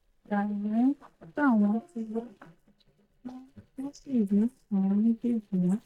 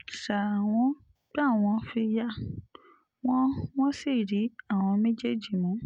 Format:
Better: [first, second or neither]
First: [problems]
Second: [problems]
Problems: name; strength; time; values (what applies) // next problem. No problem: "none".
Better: second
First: noise reduction (neural mask model DeepFilterNet 3)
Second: none